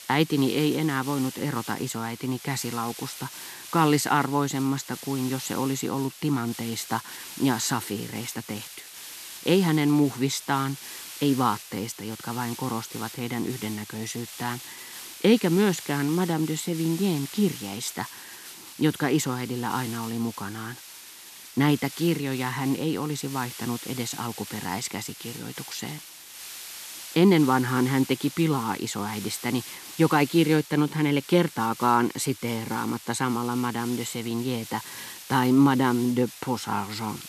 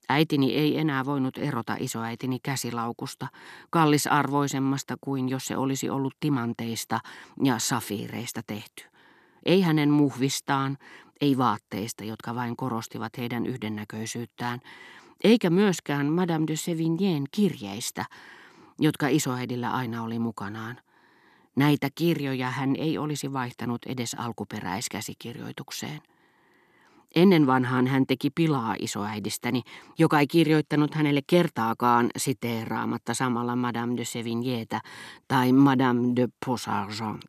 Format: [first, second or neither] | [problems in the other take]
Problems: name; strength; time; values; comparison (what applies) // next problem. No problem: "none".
second | hiss; noticeable; throughout; 15 dB below the speech